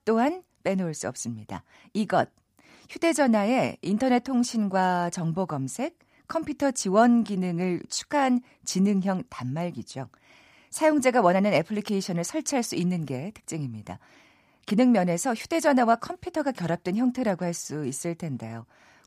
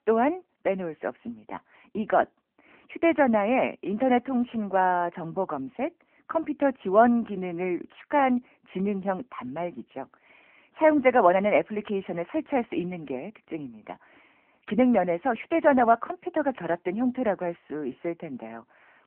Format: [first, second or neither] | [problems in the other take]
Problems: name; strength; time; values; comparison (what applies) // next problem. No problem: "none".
first | phone-call audio